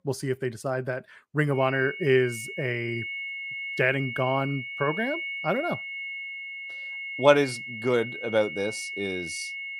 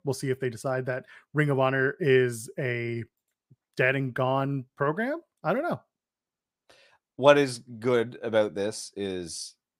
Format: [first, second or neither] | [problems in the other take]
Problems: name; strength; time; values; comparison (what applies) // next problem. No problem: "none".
second | high-pitched whine; loud; from 1.5 s on; 2 kHz, 6 dB below the speech